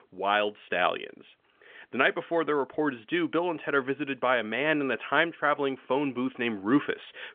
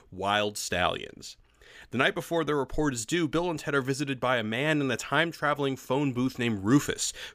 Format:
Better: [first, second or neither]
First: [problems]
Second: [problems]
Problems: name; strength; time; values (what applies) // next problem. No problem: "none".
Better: second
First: phone-call audio; nothing above 3.5 kHz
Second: none